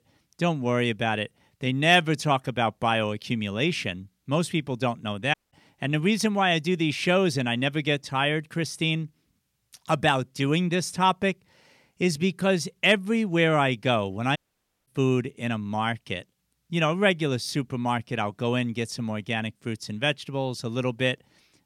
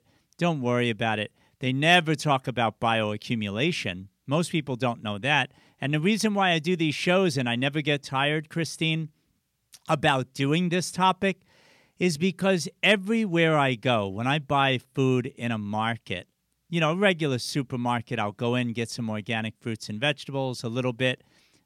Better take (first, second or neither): second